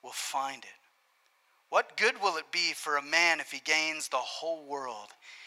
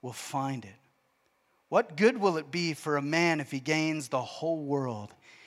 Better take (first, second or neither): second